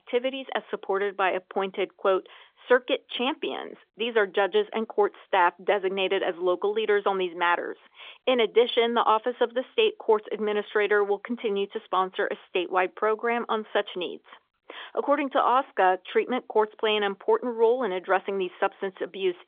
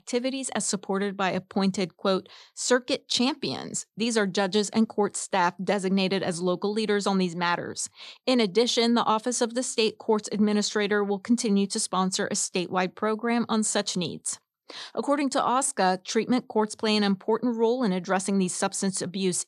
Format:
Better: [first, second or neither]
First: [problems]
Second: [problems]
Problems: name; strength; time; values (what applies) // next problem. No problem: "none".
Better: second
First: phone-call audio; nothing above 3.5 kHz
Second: none